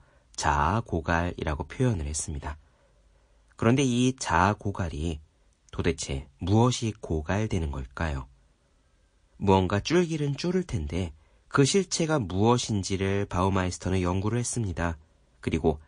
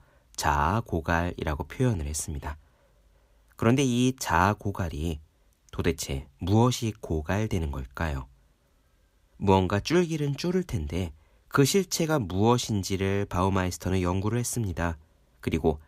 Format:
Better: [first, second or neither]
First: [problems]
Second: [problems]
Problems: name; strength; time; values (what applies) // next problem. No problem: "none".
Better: second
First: garbled, watery; slightly; nothing above 8 kHz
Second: none